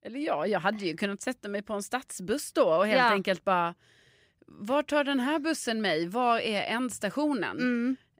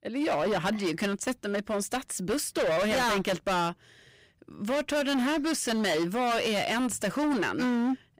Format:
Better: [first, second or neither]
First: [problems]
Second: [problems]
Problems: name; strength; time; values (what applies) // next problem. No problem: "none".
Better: first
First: none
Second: distortion; heavy; 25% of the sound clipped